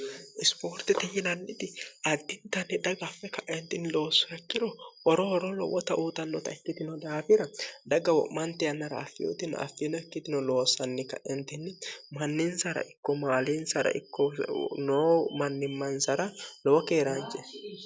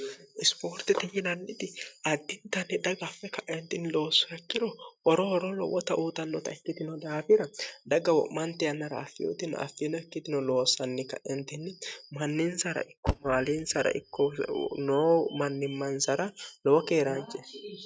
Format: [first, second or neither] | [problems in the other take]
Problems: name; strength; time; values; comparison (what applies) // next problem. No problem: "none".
first | noise reduction (neural mask model RNNoise)